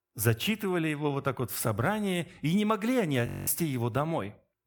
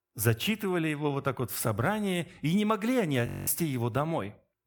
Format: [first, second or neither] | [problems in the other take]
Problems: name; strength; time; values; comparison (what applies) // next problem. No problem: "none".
neither | audio freezing; at 3.5 s; the same in both